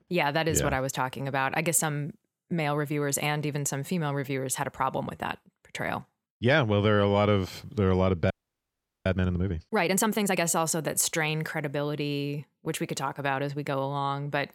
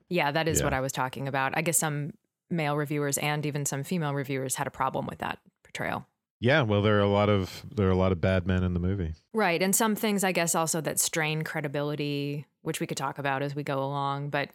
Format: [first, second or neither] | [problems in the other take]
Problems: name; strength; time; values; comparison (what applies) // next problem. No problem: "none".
second | audio freezing; at 8.5 s for 1 s